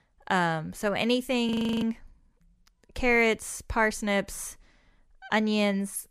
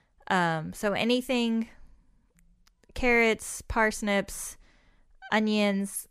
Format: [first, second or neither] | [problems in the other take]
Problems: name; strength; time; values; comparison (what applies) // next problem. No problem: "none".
second | audio freezing; at 1.5 s